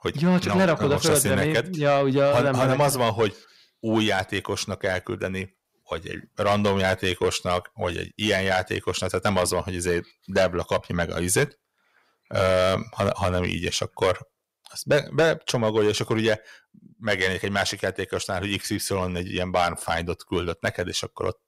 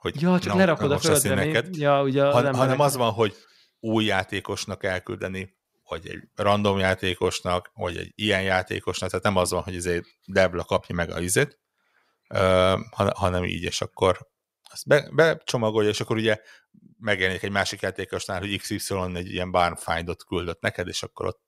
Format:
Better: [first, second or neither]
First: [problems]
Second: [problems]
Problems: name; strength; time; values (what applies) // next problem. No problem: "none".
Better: second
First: distortion; slight; 10 dB below the speech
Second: none